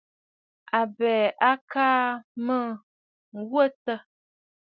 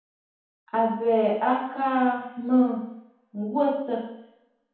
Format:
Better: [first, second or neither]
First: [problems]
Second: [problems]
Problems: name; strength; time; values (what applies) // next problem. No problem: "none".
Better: first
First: none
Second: room echo; dies away in 2 s